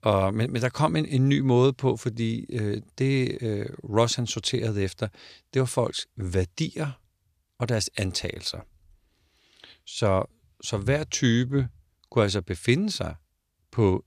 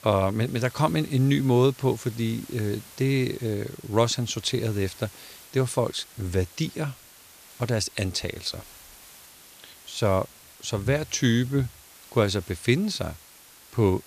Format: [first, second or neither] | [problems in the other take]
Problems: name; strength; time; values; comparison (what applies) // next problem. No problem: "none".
first | hiss; faint; throughout; 20 dB below the speech